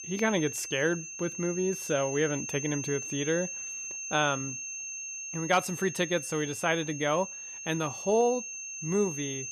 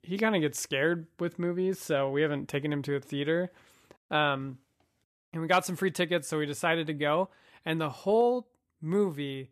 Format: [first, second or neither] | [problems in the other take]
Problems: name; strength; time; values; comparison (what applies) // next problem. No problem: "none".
second | high-pitched whine; loud; throughout; 6.5 kHz, 6 dB below the speech